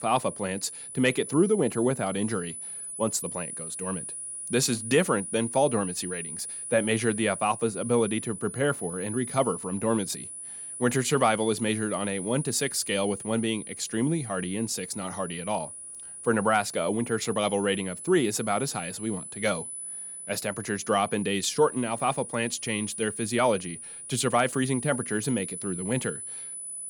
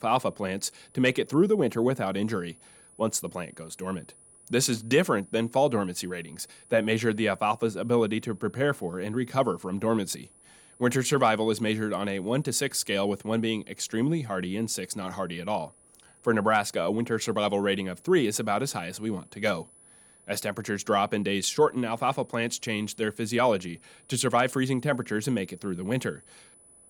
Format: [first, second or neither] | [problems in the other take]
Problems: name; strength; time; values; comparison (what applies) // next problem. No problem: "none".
second | high-pitched whine; loud; throughout; 9.5 kHz, 8 dB below the speech; faint in the second